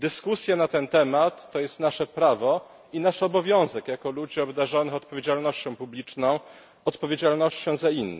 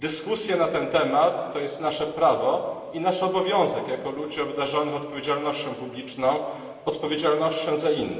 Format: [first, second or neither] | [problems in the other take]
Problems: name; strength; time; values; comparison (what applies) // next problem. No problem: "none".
first | room echo; dies away in 2.4 s